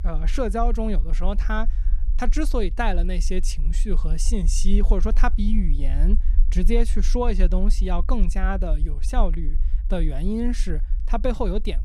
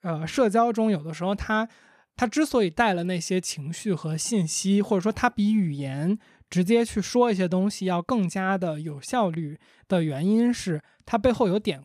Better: second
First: low rumble; faint; throughout; 20 dB below the speech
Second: none

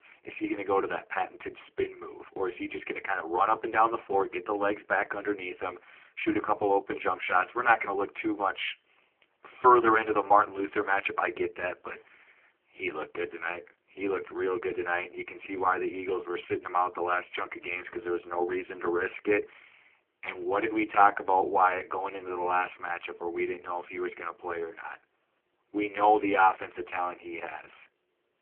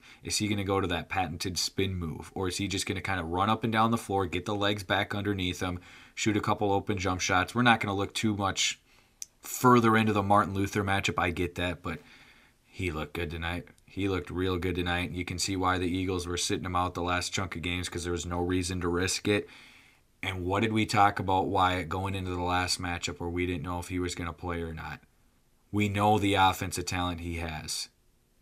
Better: second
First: phone-call audio; poor line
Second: none

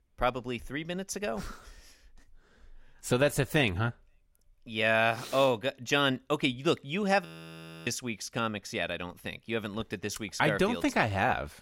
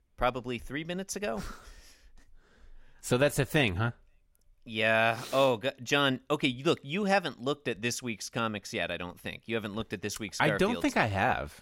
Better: second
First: audio freezing; at 7.5 s for 0.5 s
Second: none

